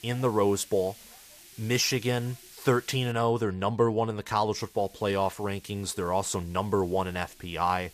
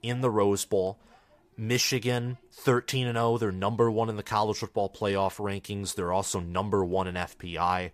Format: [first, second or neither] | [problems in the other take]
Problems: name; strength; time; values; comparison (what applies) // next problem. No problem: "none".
second | hiss; faint; until 3 s and from 4.5 s on; 20 dB below the speech